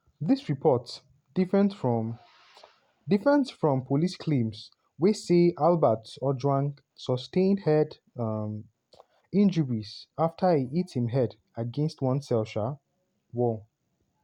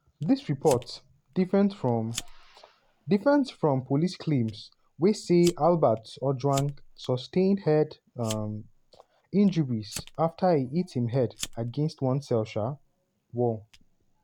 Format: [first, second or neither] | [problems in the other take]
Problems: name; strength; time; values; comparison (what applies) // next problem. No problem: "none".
first | background sound (Fire); 20 dB below the speech